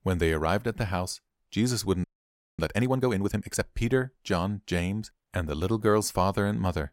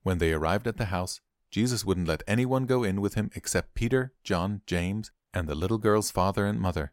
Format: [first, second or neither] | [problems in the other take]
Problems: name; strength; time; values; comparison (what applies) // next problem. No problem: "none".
second | audio freezing; at 2 s for 0.5 s